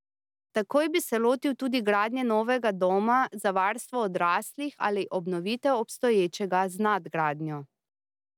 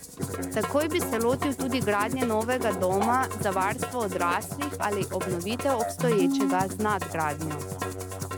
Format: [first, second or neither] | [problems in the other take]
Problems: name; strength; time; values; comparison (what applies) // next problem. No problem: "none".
first | background sound (Musical instrument); 3 dB below the speech